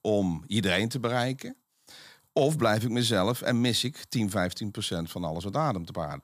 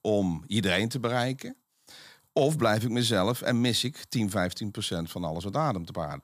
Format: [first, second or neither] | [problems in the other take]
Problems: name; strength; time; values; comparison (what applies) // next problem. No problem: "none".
neither | none